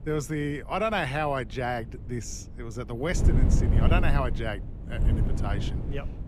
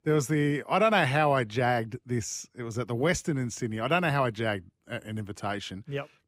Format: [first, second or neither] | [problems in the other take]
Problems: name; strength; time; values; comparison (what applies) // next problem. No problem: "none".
second | wind noise on the microphone; heavy; 8 dB below the speech